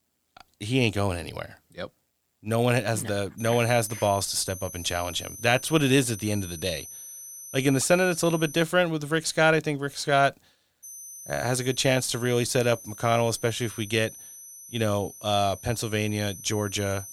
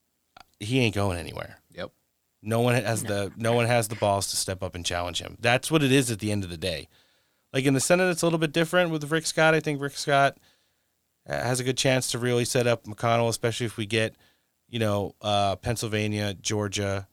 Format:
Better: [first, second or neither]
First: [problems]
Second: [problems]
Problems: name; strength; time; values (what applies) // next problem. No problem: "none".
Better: second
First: high-pitched whine; noticeable; from 3.5 to 8.5 s and from 11 s on; 6 kHz, 15 dB below the speech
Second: none